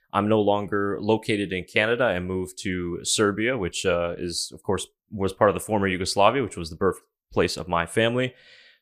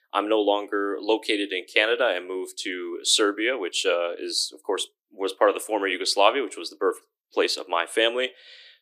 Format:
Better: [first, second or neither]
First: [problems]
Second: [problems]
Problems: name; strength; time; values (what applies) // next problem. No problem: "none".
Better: first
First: none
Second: thin; somewhat; fading below 300 Hz